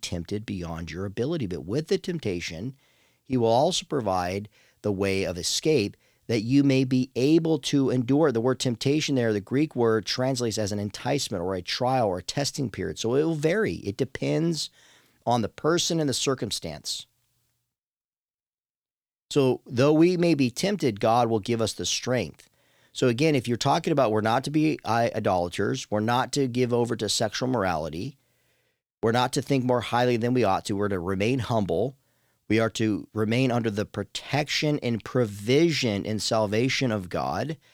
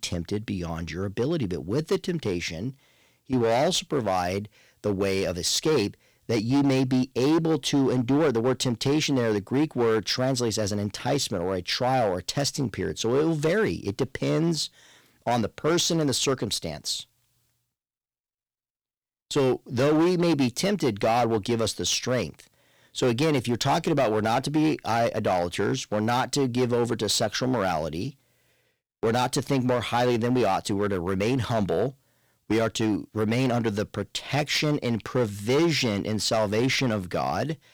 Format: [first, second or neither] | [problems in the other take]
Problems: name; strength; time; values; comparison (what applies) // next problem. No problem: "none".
first | distortion; slight; 8% of the sound clipped